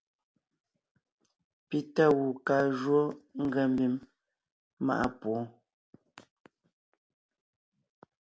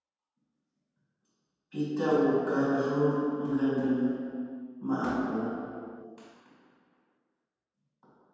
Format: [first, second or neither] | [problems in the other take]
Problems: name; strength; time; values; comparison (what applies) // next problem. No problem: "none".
first | room echo; dies away in 2.1 s